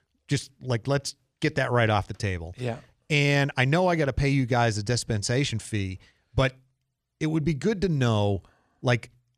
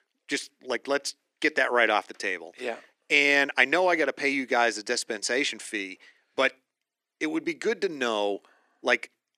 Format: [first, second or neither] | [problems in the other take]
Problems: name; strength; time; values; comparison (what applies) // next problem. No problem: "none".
first | thin; somewhat; fading below 300 Hz